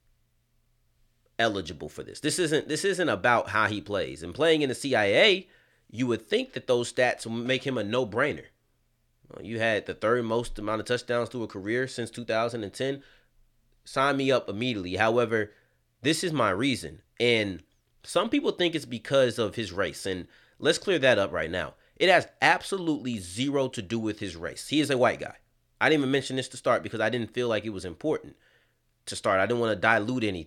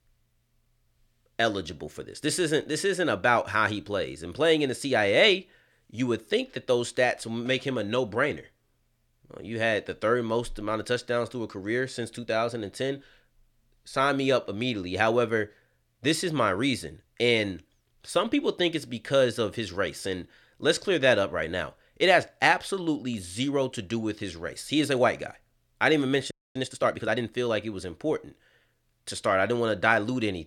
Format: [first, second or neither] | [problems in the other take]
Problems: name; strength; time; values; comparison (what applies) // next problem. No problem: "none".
first | audio freezing; at 26 s